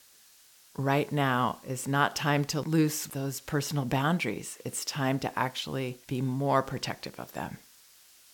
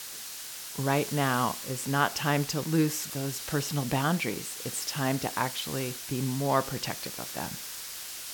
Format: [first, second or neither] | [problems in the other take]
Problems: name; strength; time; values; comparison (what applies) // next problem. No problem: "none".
first | hiss; loud; throughout; 7 dB below the speech; faint in the first